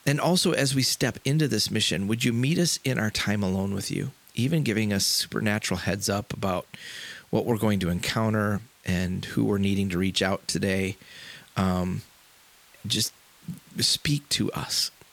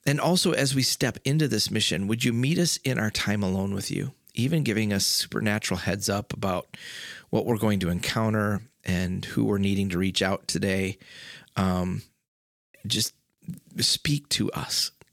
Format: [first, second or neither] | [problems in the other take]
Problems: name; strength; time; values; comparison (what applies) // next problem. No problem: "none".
second | hiss; faint; throughout; 30 dB below the speech